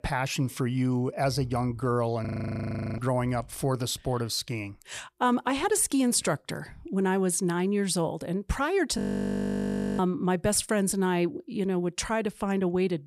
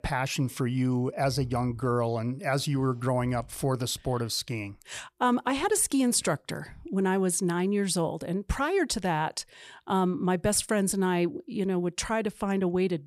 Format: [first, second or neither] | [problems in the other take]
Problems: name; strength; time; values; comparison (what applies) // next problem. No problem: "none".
second | audio freezing; at 2.5 s for 0.5 s and at 9 s for 1 s